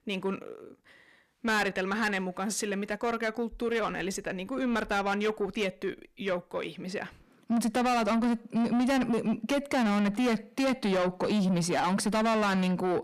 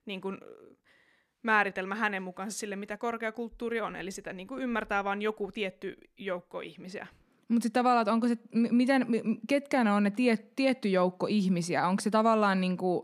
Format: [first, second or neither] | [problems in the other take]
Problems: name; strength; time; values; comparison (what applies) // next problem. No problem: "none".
second | distortion; heavy; 7 dB below the speech